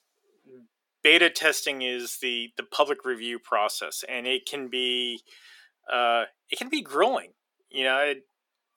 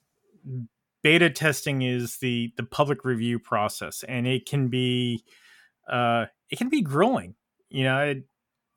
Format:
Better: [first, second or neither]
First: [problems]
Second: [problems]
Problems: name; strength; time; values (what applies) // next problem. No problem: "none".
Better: second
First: thin; very; fading below 350 Hz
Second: none